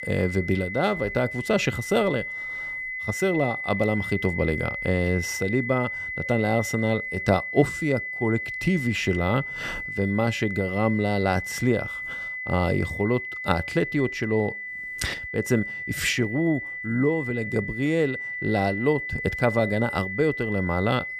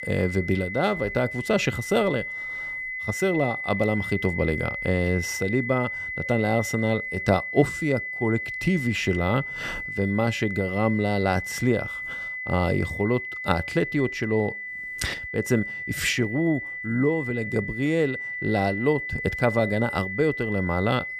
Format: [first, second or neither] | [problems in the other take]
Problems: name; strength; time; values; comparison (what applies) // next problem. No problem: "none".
neither | high-pitched whine; loud; throughout; 2 kHz, 5 dB below the speech; the same in both